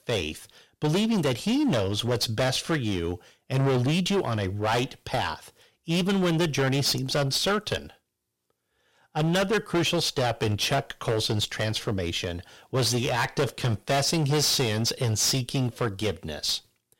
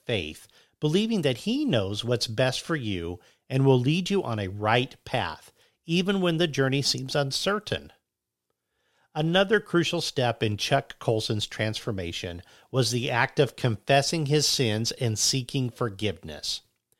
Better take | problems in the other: second | distortion; heavy; 14% of the sound clipped

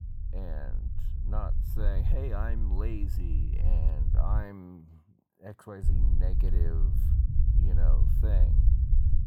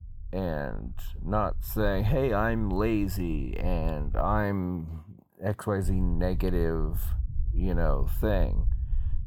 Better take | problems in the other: second | low rumble; loud; until 4.5 s and from 6 s on; 3 dB below the speech; faint in the second

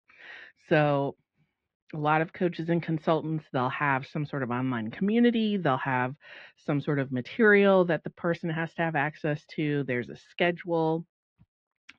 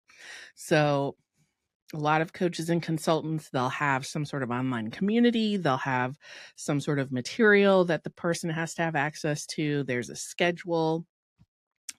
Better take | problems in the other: second | muffled; very; fading above 3 kHz

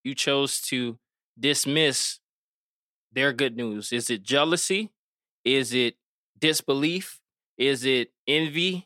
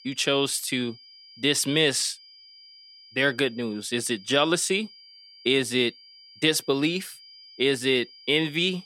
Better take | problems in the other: first | high-pitched whine; faint; throughout; 5 kHz, 25 dB below the speech

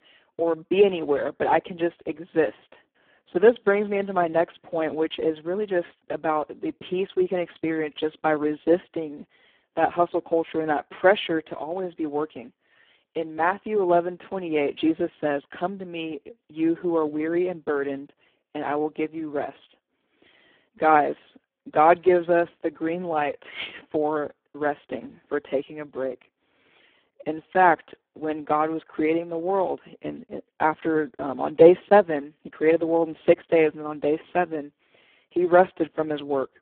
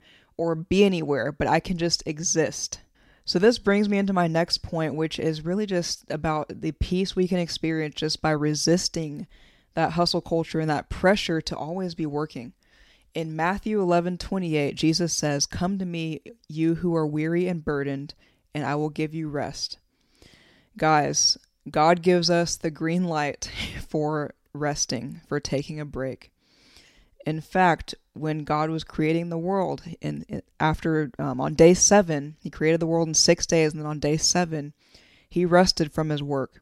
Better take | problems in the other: second | phone-call audio; poor line

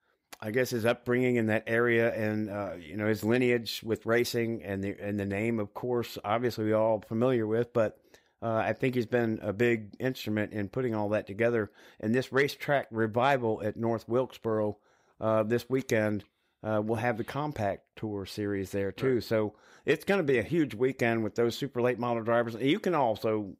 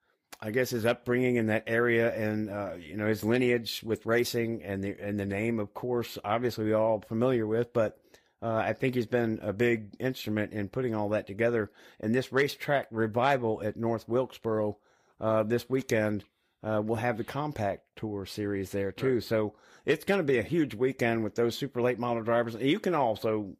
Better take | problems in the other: first | garbled, watery; slightly; nothing above 15.5 kHz

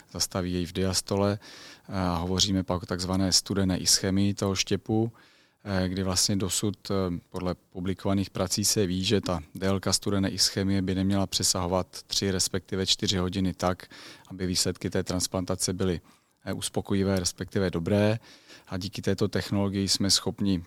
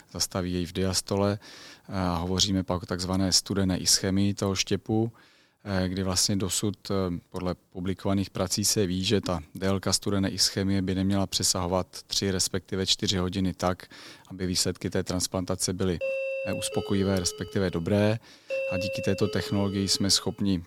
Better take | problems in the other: first | doorbell; noticeable; from 16 to 20 s; peak 3 dB below the speech

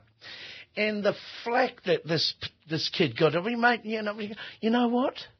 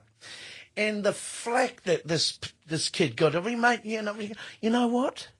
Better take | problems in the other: second | garbled, watery; badly; nothing above 5.5 kHz; slightly in the second

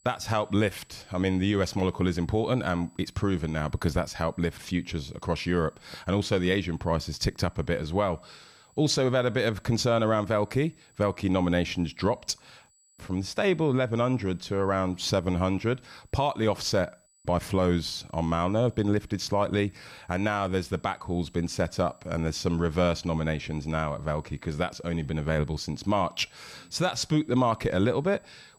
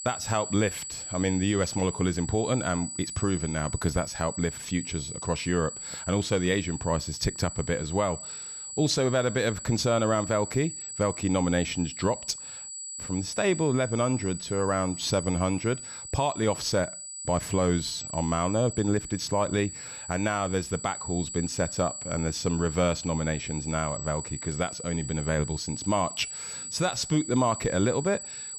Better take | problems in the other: first | high-pitched whine; loud; throughout; 8 kHz, 8 dB below the speech; faint in the first

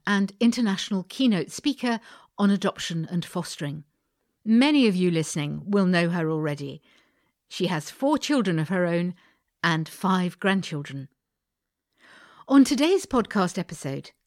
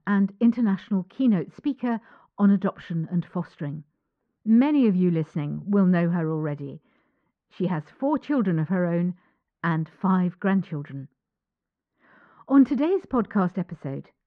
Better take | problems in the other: first | muffled; very; fading above 1.5 kHz

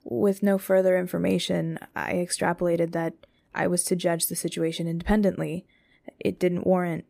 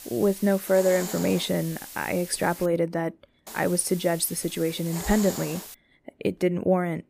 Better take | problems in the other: first | hiss; noticeable; until 2.5 s and from 3.5 to 5.5 s; 10 dB below the speech

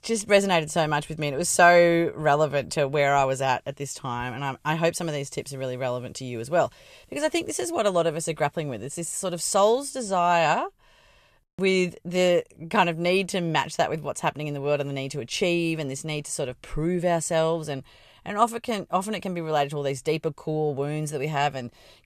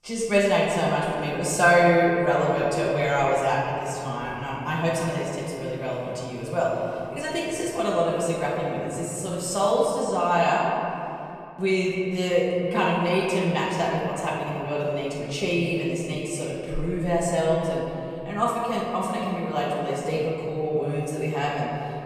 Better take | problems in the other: first | off-mic speech; far // room echo; noticeable; dies away in 2.8 s

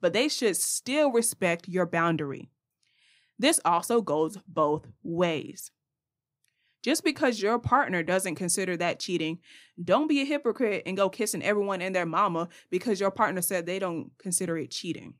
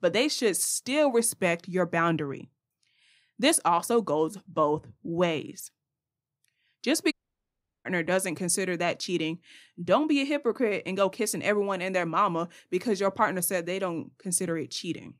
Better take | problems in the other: first | audio cutting out; at 7 s for 0.5 s

